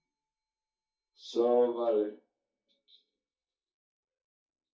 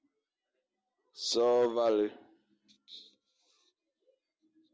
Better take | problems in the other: second | noise reduction (neural mask model DeepFilterNet 3)

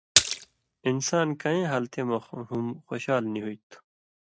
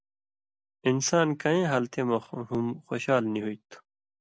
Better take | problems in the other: second | noise reduction (neural mask model RNNoise)

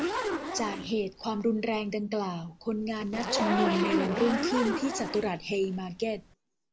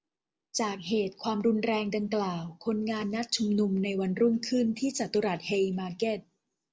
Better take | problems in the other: second | background sound (Zipper (clothing)); 3 dB below the speech

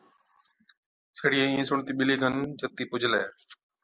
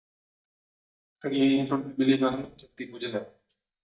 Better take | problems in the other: first | noise reduction (neural mask model DeepFilterNet 3)

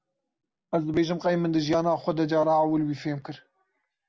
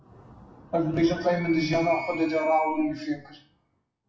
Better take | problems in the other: first | noise reduction (classical method WPE with log-MMSE)

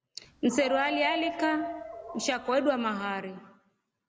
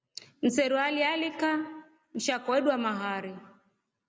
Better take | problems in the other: second | background sound (Dog); 8 dB below the speech

